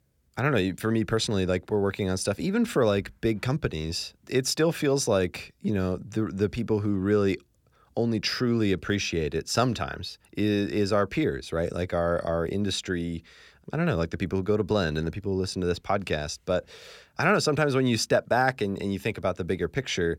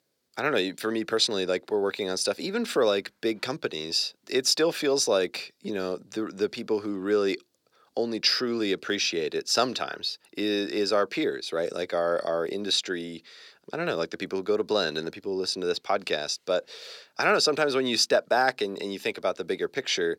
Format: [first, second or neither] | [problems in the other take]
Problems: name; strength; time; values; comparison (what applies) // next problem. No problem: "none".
first | thin; somewhat; fading below 350 Hz